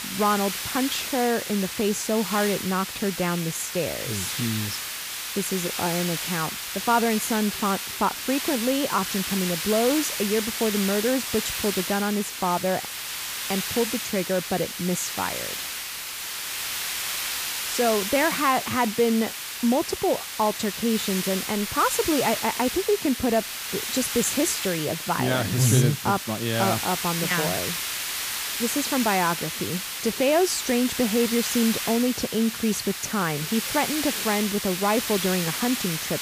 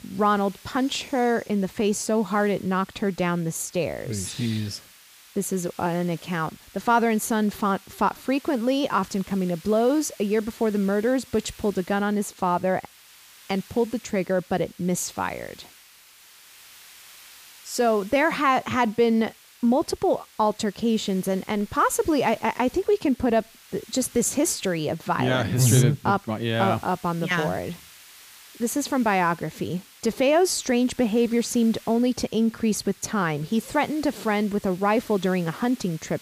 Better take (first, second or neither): second